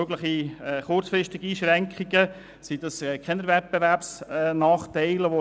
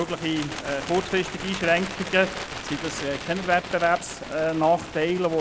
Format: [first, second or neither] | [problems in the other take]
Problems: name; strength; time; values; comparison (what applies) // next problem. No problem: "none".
first | background sound (Bird); 10 dB below the speech